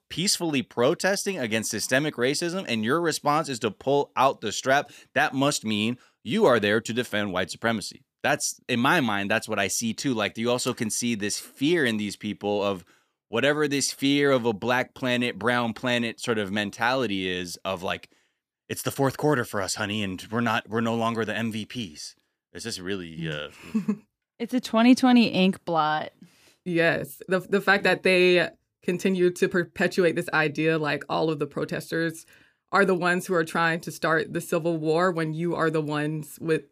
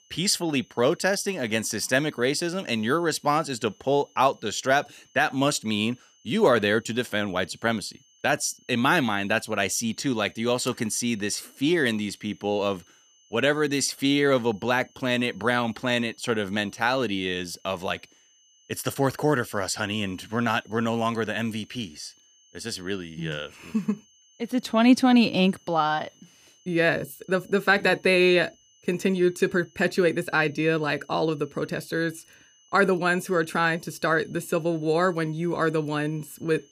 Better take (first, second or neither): first